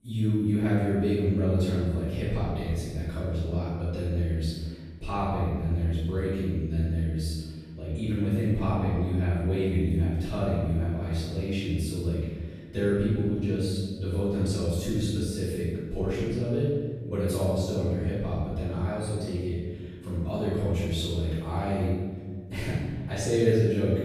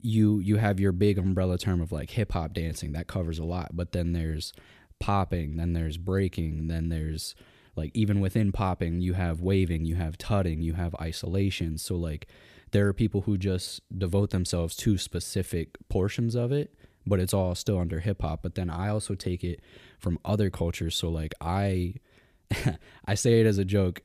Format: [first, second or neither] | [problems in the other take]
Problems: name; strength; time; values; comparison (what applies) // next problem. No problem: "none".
second | off-mic speech; far // room echo; strong; dies away in 1.5 s